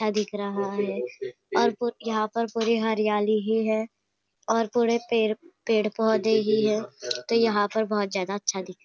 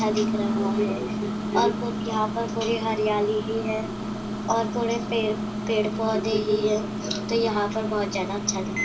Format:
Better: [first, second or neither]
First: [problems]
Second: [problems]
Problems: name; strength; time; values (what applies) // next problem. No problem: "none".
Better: first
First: none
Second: background sound (Microwave oven); 2 dB below the speech // room echo; dies away in 0.3 s